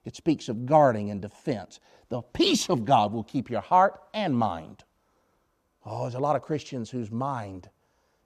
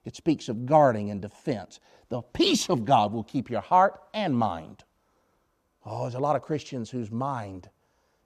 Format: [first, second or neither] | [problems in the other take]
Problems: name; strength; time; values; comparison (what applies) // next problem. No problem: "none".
neither | none